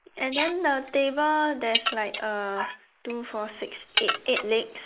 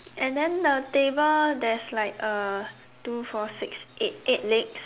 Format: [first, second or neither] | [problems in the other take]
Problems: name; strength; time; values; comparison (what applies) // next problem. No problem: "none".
second | noise reduction (neural mask model Resemble Enhance denoiser)